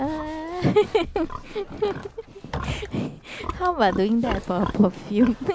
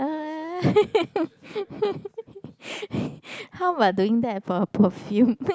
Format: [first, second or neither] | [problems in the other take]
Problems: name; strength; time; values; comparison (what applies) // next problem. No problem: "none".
second | background sound (Livestock, farm animals, working animals); 11 dB below the speech